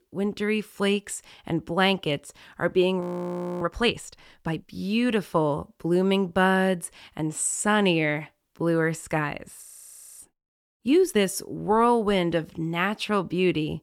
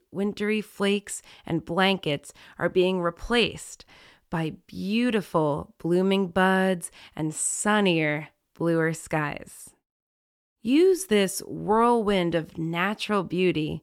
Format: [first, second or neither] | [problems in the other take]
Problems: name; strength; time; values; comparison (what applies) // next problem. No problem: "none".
second | audio freezing; at 3 s for 0.5 s and at 9.5 s for 0.5 s